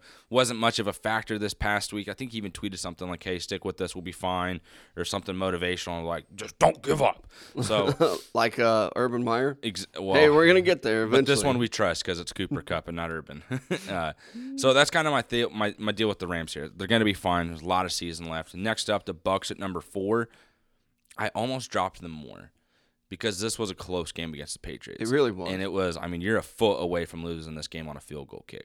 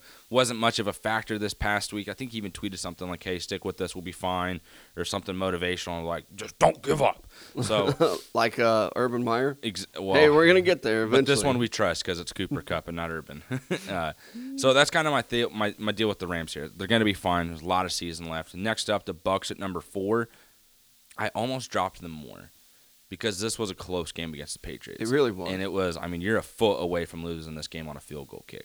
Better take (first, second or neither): first